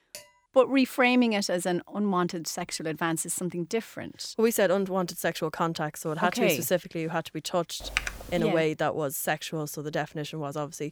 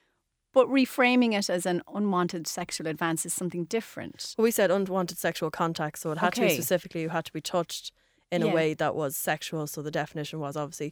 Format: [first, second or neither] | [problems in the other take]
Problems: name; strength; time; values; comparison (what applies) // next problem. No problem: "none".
second | clattering dishes; faint; at the start; peak 20 dB below the speech // keyboard typing; noticeable; at 8 s; peak 3 dB below the speech